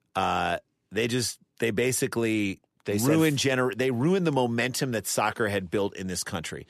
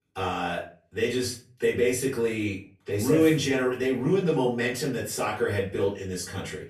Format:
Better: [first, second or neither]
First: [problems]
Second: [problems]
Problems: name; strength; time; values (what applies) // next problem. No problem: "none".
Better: first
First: none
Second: off-mic speech; far // room echo; slight; dies away in 0.3 s